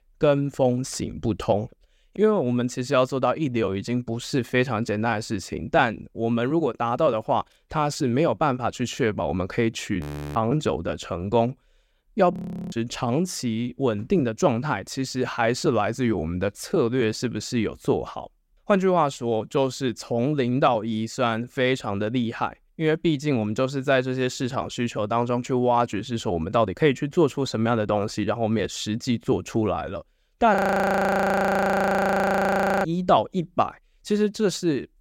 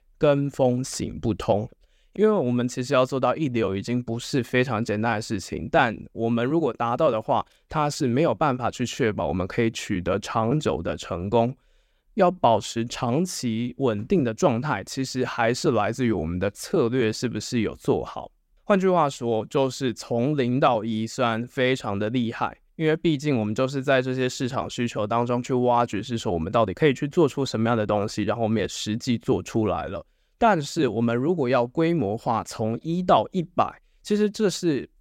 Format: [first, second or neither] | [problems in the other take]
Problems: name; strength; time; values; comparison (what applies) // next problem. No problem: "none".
second | audio freezing; at 10 s, at 12 s and at 31 s for 2.5 s